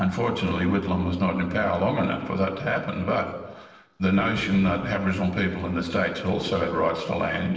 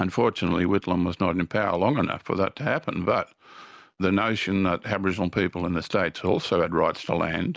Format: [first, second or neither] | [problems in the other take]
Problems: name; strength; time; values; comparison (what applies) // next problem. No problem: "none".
second | noise reduction (neural separator model SepFormer DNS4)